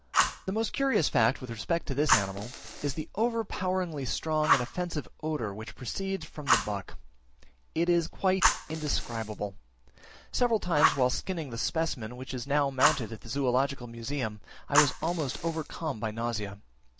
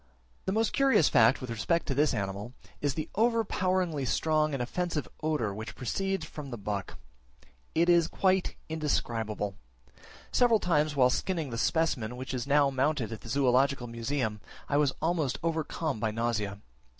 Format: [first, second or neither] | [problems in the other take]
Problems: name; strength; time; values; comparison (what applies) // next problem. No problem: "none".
second | background sound (Fire); 5 dB below the speech